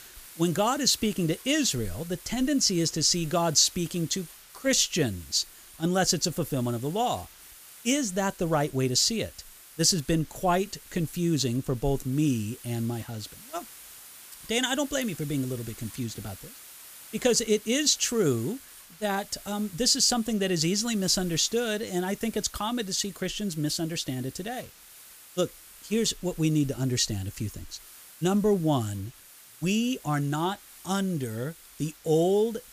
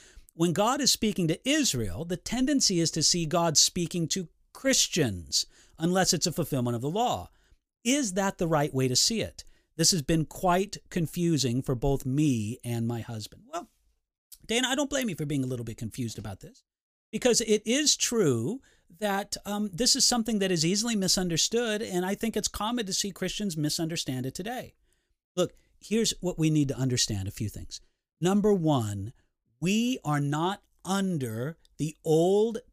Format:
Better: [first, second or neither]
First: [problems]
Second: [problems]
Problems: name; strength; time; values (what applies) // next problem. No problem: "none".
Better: second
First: hiss; noticeable; throughout; 20 dB below the speech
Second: none